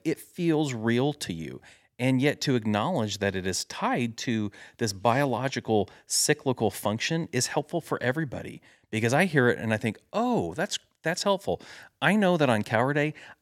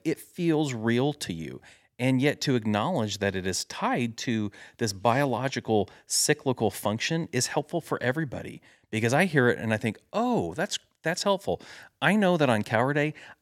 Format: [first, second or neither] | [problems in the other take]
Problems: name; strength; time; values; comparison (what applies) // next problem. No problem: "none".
neither | none